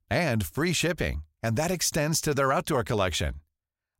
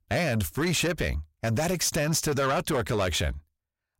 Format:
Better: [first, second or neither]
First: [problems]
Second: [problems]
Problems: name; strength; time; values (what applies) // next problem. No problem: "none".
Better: first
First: none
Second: distortion; slight; 10 dB below the speech